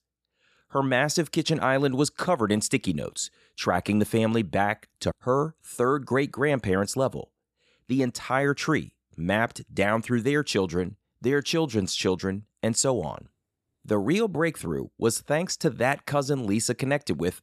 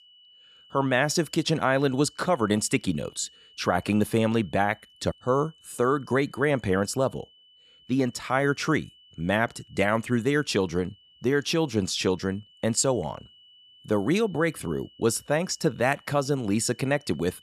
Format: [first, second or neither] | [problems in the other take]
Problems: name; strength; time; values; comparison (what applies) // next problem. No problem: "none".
first | high-pitched whine; faint; throughout; 3 kHz, 25 dB below the speech